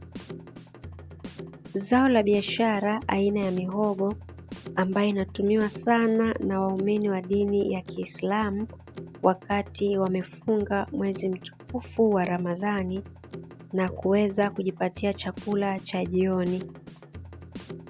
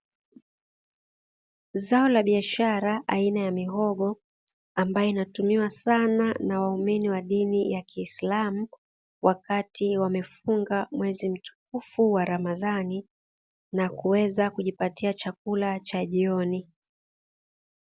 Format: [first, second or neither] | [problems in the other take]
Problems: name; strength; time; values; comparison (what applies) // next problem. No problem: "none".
second | background sound (Drum kit); 16 dB below the speech